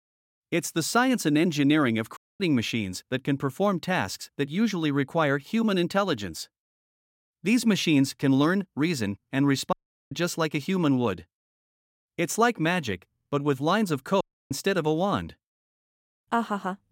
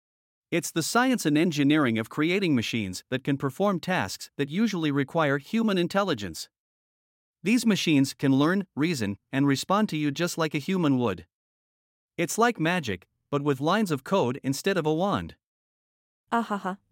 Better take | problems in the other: second | audio cutting out; at 2 s, at 9.5 s and at 14 s

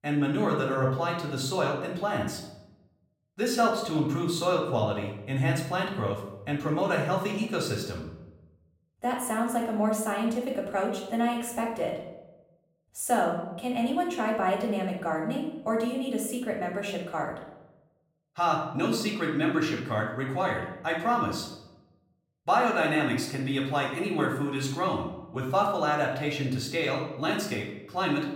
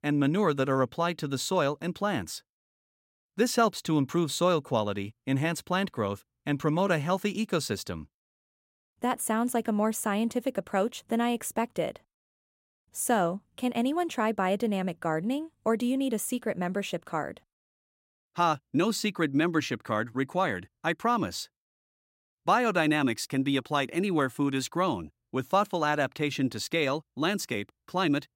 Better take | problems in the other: second | off-mic speech; far // room echo; noticeable; dies away in 0.7 s

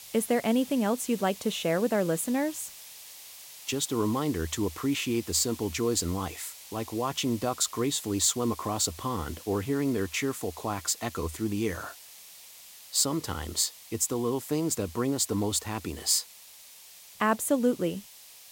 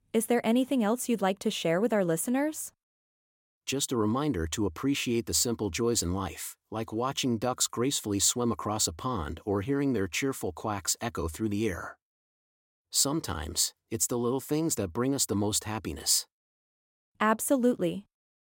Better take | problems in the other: second | hiss; noticeable; throughout; 15 dB below the speech

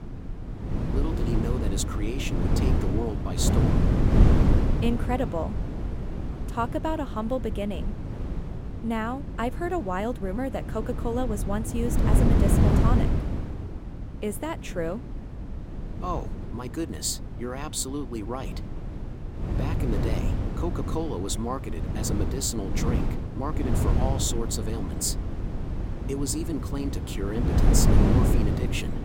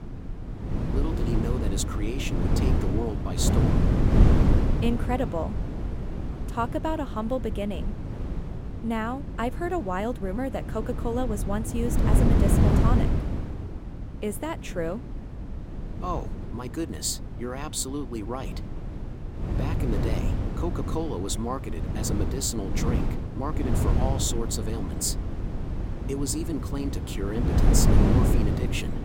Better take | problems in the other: neither | wind noise on the microphone; heavy; 3 dB below the speech; the same in both

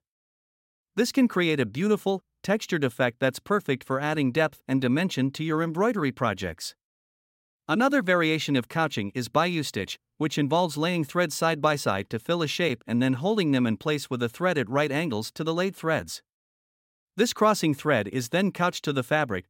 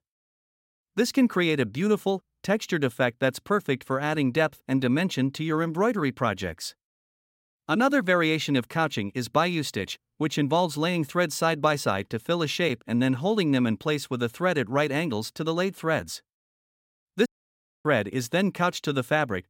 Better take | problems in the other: first | audio cutting out; at 17 s for 0.5 s

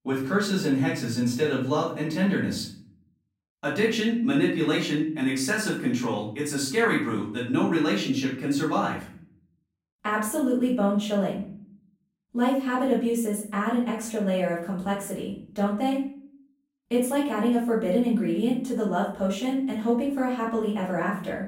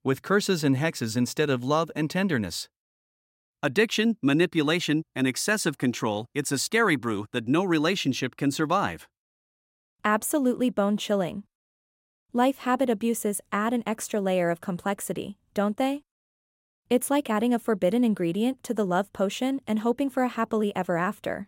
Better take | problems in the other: second | off-mic speech; far // room echo; noticeable; dies away in 0.5 s

